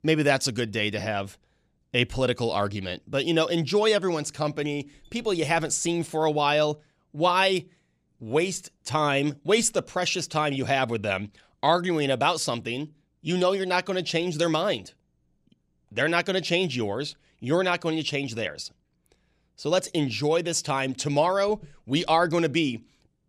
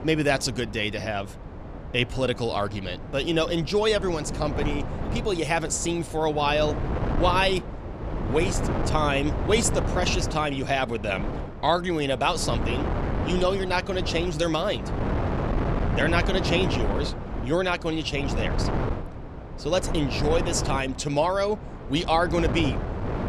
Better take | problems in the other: first | wind noise on the microphone; heavy; 9 dB below the speech

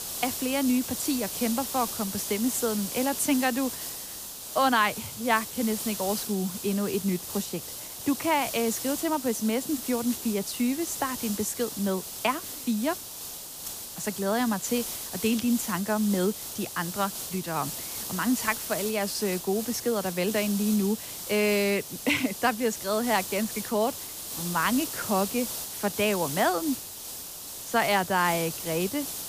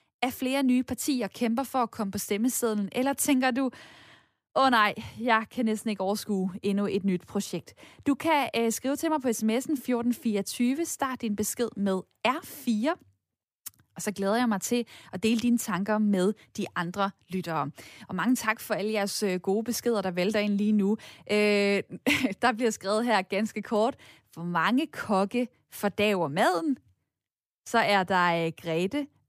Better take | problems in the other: second | hiss; loud; throughout; 6 dB below the speech

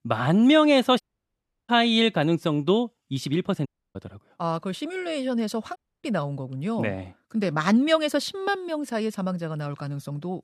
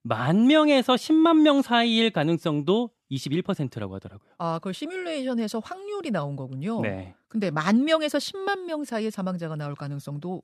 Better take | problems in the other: second | audio cutting out; at 1 s for 0.5 s, at 3.5 s and at 6 s

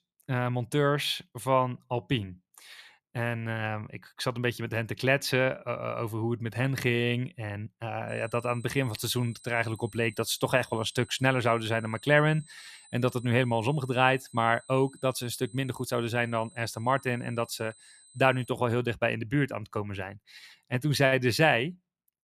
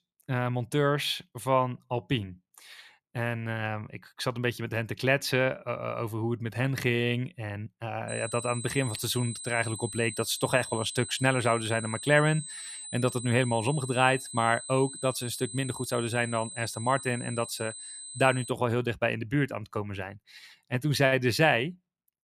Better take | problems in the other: first | high-pitched whine; loud; from 8 to 19 s; 8 kHz, 10 dB below the speech; faint in the first

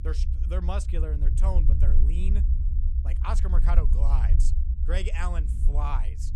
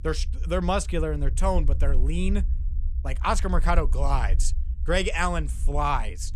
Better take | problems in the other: second | low rumble; loud; throughout; 7 dB below the speech; faint in the second

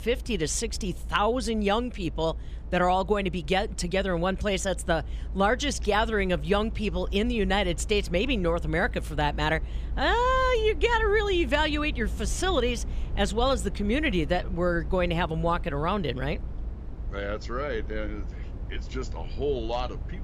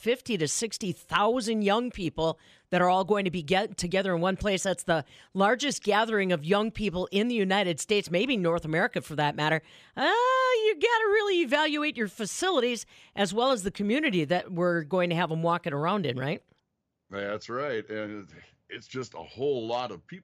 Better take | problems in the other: second | low rumble; faint; throughout; 25 dB below the speech

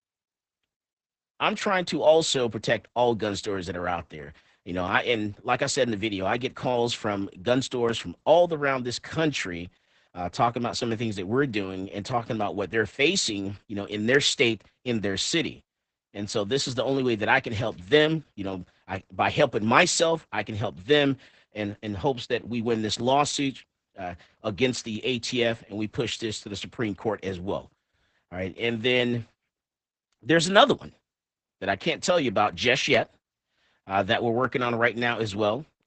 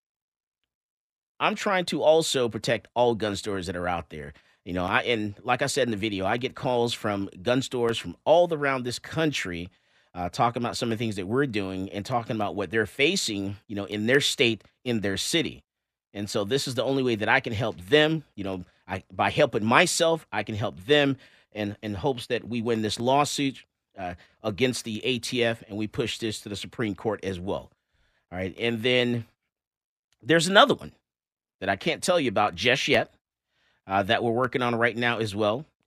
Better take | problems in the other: second | garbled, watery; badly; nothing above 8 kHz

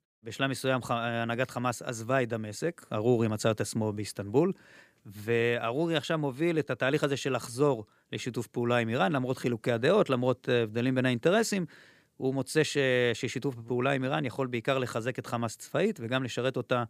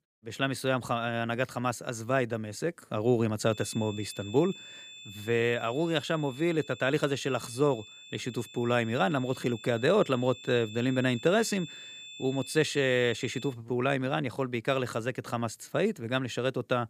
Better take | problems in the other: first | high-pitched whine; noticeable; from 3.5 to 14 s; 3.5 kHz, 15 dB below the speech

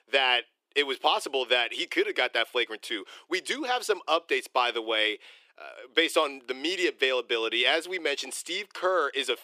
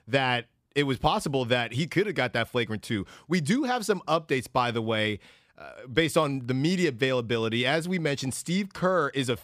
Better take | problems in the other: second | thin; very; fading below 350 Hz

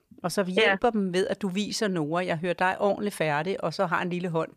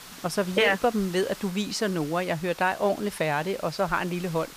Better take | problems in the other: first | hiss; noticeable; throughout; 15 dB below the speech

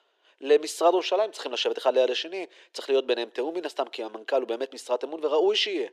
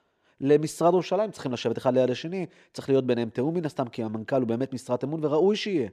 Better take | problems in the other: second | thin; very; fading below 350 Hz

